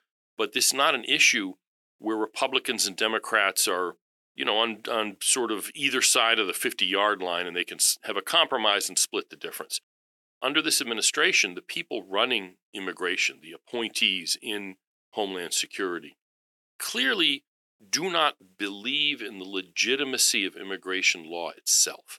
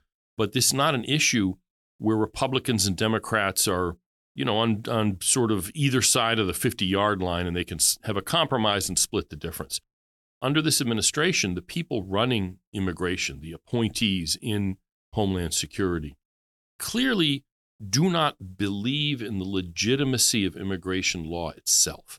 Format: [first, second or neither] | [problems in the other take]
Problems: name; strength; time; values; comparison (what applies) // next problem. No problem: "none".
second | thin; somewhat; fading below 350 Hz